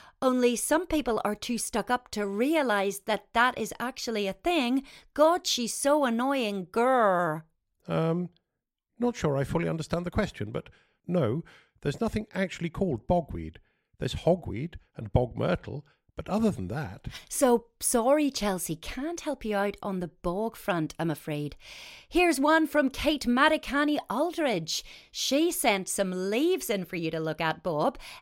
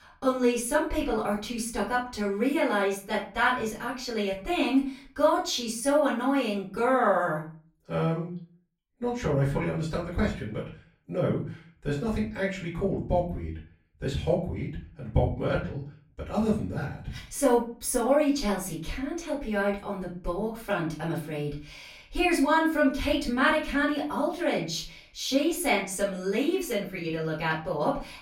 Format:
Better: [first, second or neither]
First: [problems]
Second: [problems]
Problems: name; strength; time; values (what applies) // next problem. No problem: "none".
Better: first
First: none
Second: room echo; slight; dies away in 0.3 s // off-mic speech; far